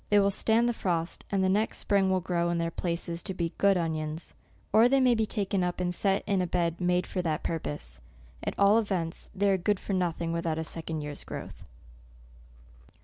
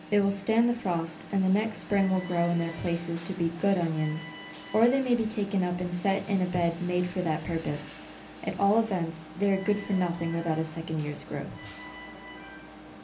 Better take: first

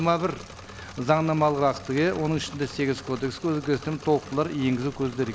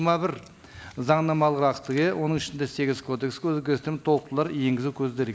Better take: second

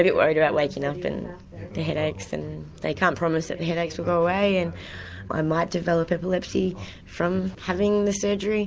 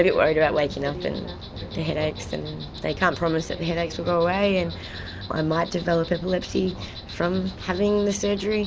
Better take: first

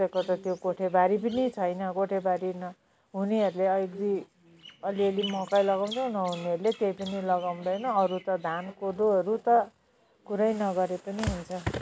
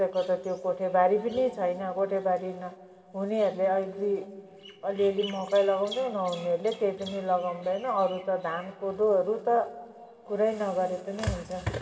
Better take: first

